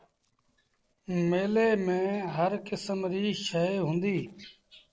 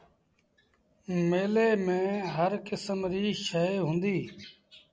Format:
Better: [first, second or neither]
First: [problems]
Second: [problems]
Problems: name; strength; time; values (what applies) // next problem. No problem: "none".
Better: second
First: noise reduction (neural separator model SepFormer DNS4)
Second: none